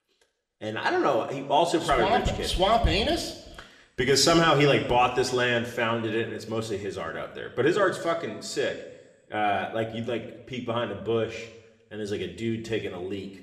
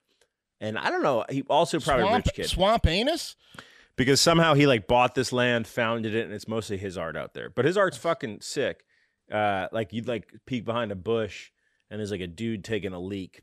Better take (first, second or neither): second